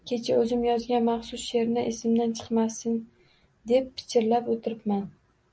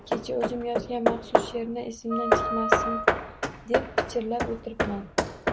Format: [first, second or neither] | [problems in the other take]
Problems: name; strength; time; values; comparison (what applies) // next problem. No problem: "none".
first | background sound (Wind instrument, woodwind instrument + Hammer / Wood); 5 dB above the speech